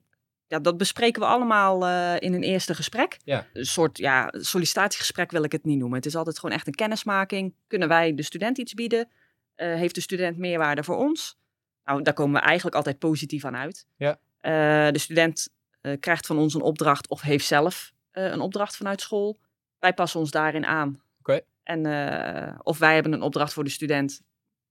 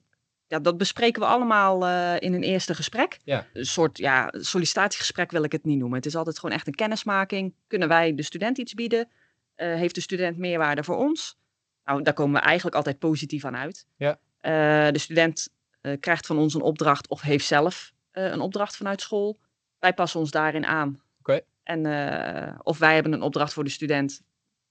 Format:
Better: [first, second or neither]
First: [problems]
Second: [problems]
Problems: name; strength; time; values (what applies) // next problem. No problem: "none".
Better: first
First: none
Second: garbled, watery; slightly; nothing above 7.5 kHz